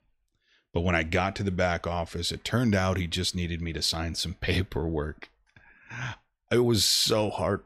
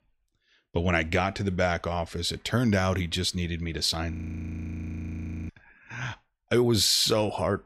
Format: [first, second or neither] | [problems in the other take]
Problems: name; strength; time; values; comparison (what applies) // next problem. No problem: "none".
first | audio freezing; at 4 s for 1.5 s